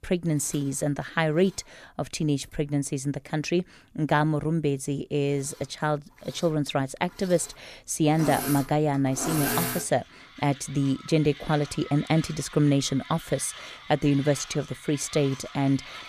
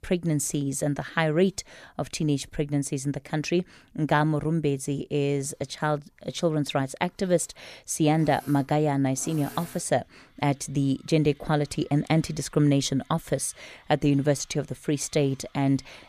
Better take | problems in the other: second | machinery noise; loud; throughout; 10 dB below the speech; faint in the second

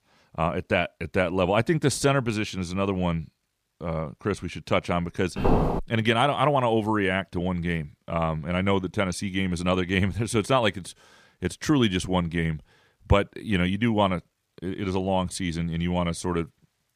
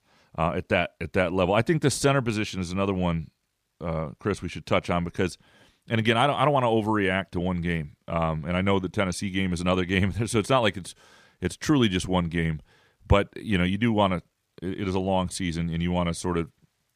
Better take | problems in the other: second | footsteps; loud; at 5.5 s; peak 2 dB above the speech

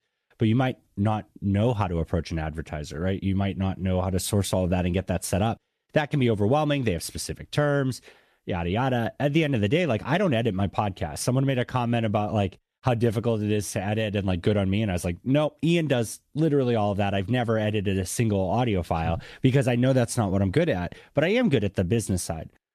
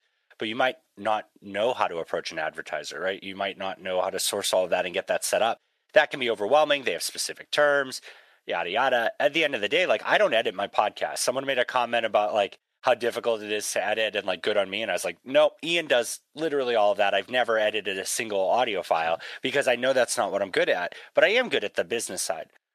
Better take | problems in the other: first | thin; very; fading below 600 Hz

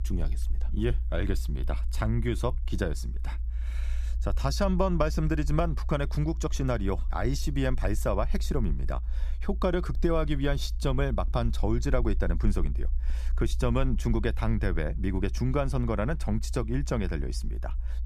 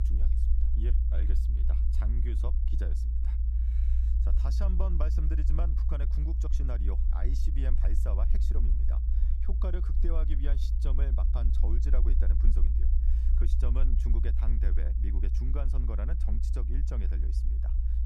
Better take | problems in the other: first | low rumble; loud; throughout; 3 dB below the speech; faint in the first

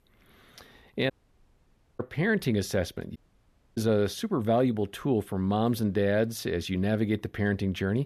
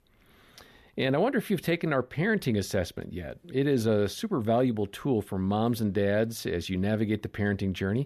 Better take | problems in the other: second | audio cutting out; at 1 s for 1 s and at 3 s for 0.5 s

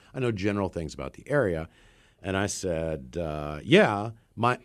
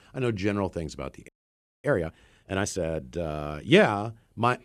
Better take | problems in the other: first | audio freezing; at 1.5 s for 0.5 s

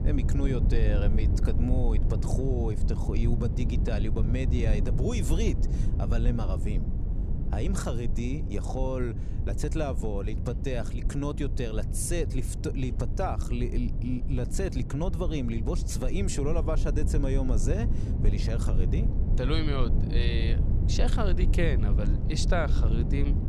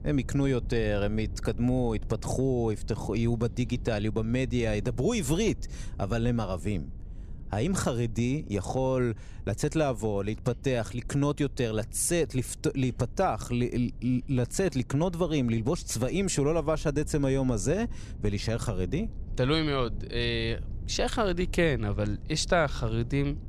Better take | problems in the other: second | low rumble; loud; throughout; 7 dB below the speech; faint in the second

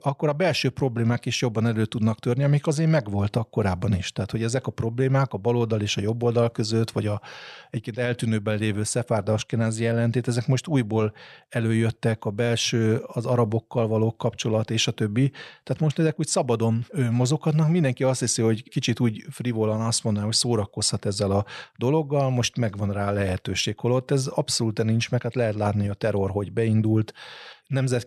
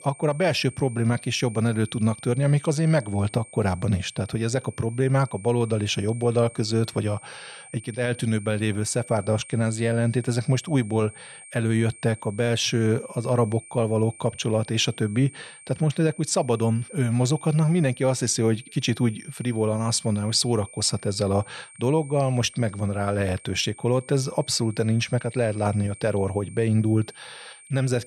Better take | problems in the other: first | high-pitched whine; noticeable; throughout; 8.5 kHz, 20 dB below the speech

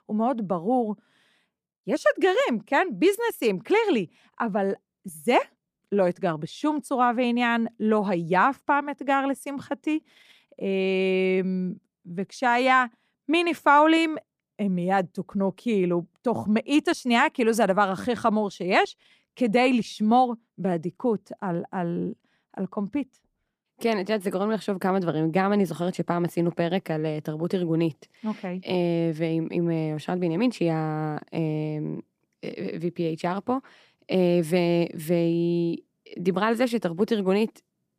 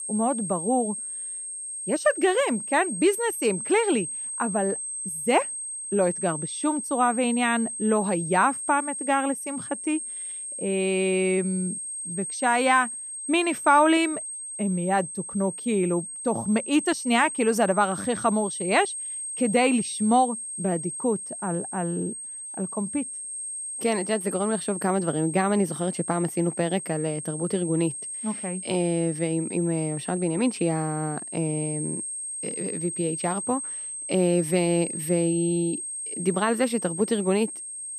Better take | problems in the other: first | high-pitched whine; loud; throughout; 8.5 kHz, 6 dB below the speech

